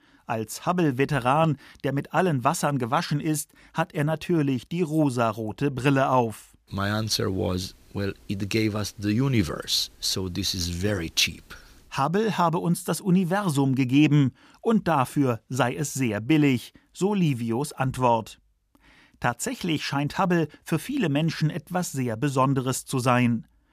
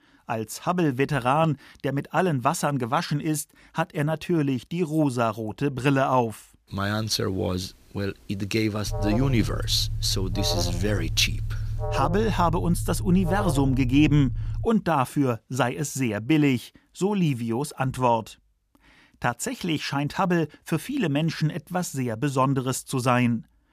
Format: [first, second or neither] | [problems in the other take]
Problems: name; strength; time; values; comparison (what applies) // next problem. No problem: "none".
first | alarm; noticeable; from 9 to 15 s; peak 4 dB below the speech